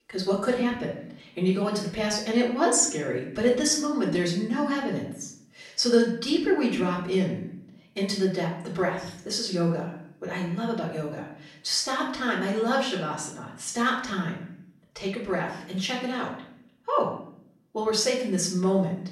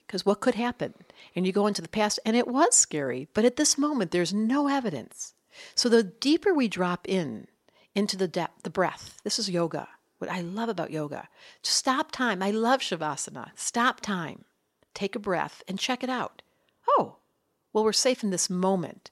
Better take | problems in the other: second | off-mic speech; far // room echo; noticeable; dies away in 0.6 s

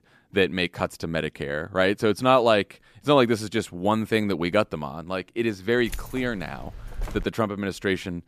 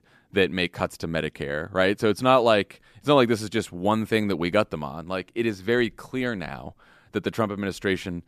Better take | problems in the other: second | jangling keys; faint; from 6 to 7 s; peak 10 dB below the speech

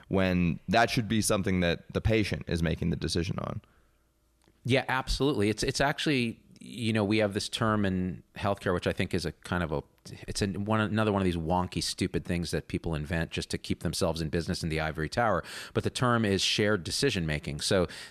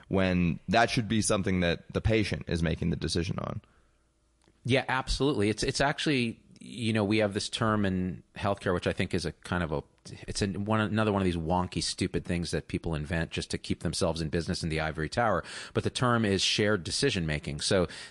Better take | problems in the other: first | garbled, watery; slightly; nothing above 9.5 kHz

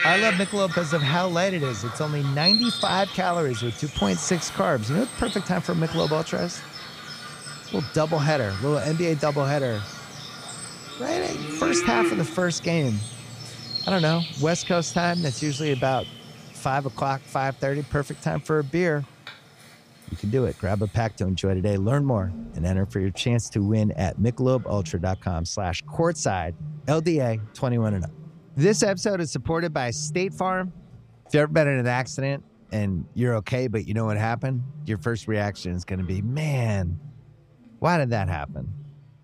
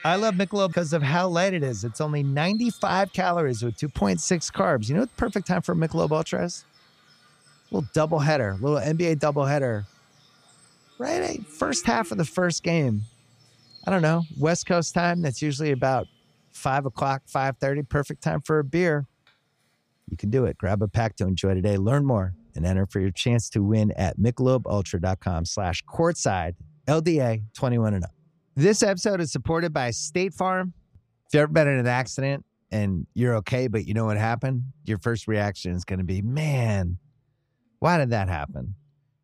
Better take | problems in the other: second | animal sounds; loud; throughout; 6 dB below the speech; faint in the second

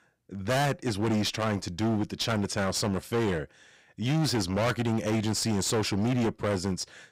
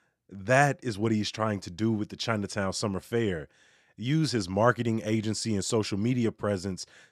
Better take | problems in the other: second | distortion; heavy; 23% of the sound clipped

